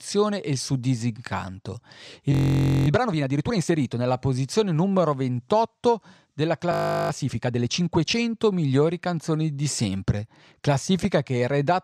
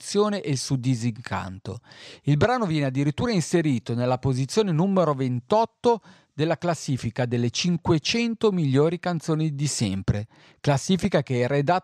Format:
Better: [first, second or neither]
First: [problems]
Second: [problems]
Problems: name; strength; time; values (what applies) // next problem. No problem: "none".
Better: second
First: audio freezing; at 2.5 s for 0.5 s and at 6.5 s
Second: none